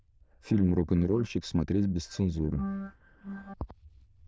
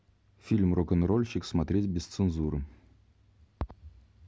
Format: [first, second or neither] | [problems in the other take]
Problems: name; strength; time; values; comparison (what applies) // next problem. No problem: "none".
second | noise reduction (neural diffusion model UNIVERSE++)